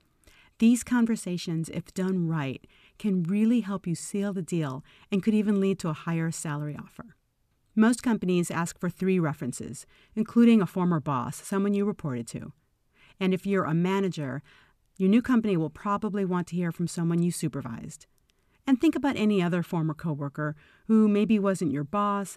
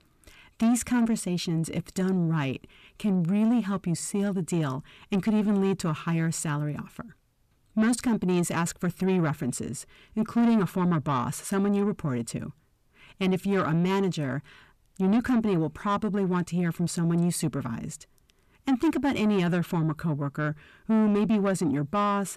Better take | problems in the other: first | distortion; slight; 10 dB below the speech

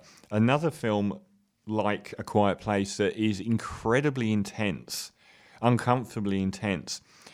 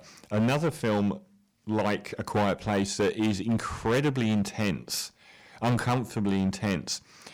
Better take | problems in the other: first | distortion; heavy; 10% of the sound clipped

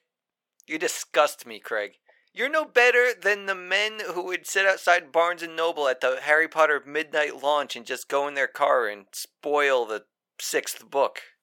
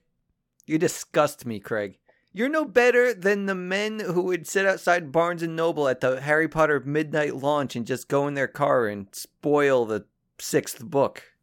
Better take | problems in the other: second | thin; very; fading below 650 Hz

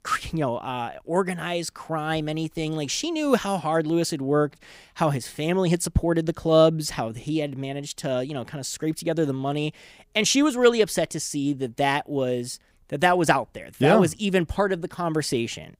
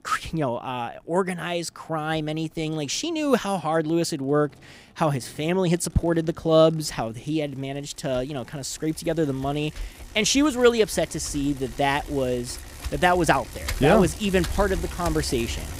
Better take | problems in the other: first | traffic noise; noticeable; throughout; 15 dB below the speech

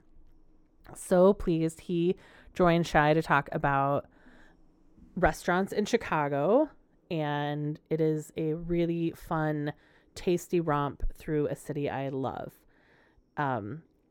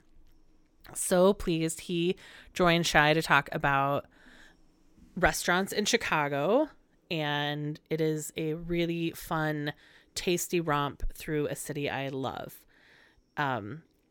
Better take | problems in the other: second | muffled; slightly; fading above 1.5 kHz

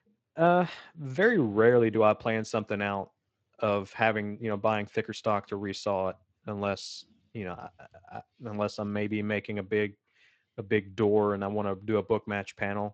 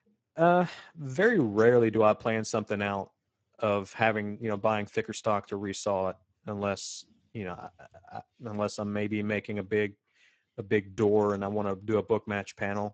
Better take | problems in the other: first | garbled, watery; badly; nothing above 8 kHz; slightly in the first

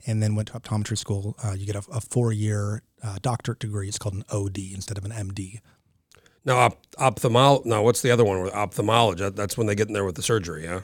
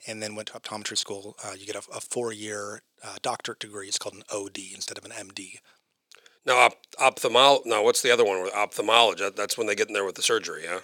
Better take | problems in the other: first | thin; very; fading below 450 Hz

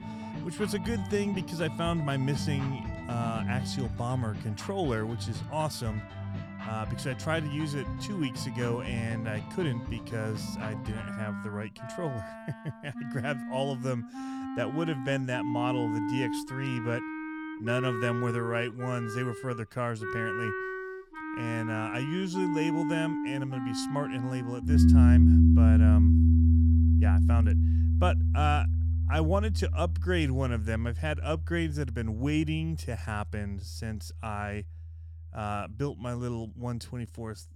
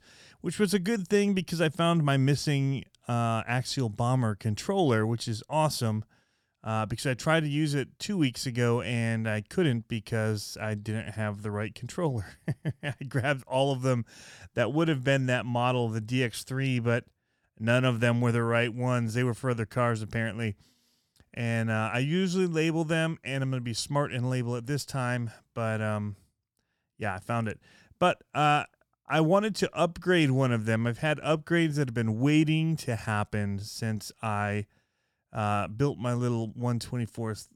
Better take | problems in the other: second | background music; very loud; throughout; 4 dB above the speech

